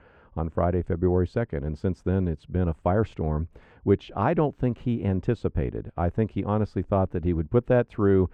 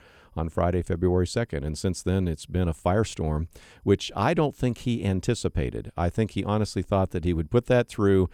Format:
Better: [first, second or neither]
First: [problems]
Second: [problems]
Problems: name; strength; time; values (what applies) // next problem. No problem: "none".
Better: second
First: muffled; very; fading above 3.5 kHz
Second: none